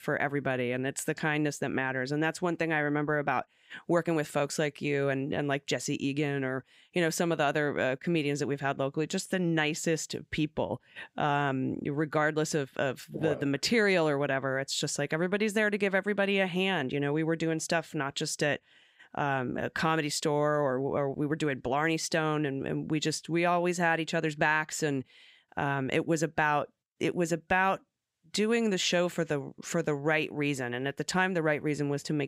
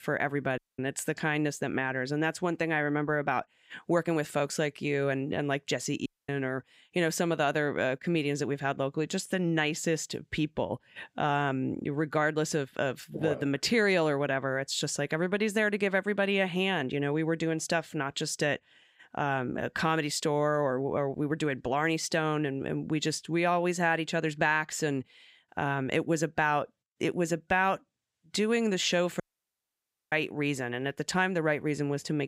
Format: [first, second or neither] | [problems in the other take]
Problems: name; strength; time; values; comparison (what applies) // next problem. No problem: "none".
first | audio cutting out; at 0.5 s, at 6 s and at 29 s for 1 s